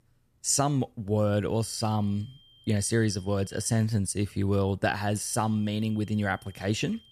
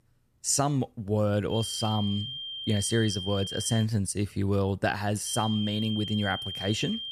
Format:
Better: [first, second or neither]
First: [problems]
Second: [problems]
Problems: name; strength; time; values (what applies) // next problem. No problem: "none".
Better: first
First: high-pitched whine; faint; from 1.5 to 4 s and from 5.5 s on; 3 kHz, 25 dB below the speech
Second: high-pitched whine; loud; from 1.5 to 4 s and from 5.5 s on; 3 kHz, 6 dB below the speech